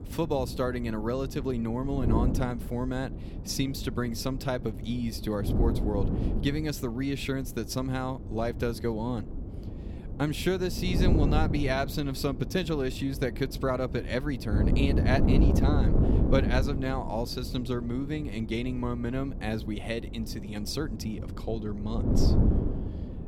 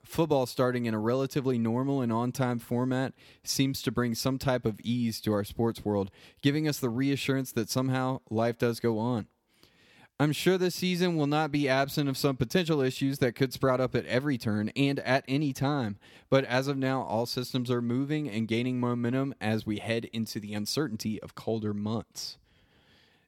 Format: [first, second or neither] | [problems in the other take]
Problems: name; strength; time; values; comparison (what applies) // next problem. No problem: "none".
second | wind noise on the microphone; heavy; 7 dB below the speech